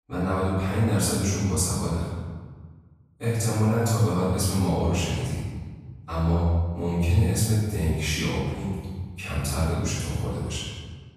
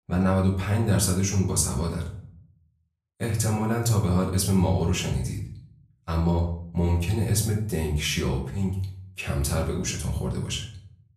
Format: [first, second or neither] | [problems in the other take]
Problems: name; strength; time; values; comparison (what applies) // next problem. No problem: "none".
second | room echo; strong; dies away in 1.3 s; slight in the second // off-mic speech; far; far in the second